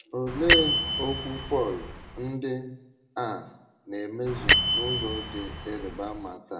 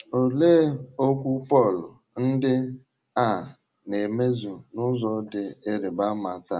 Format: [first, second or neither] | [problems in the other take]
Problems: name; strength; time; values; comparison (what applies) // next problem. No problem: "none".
second | background sound (Bell); 4 dB above the speech // room echo; dies away in 0.6 s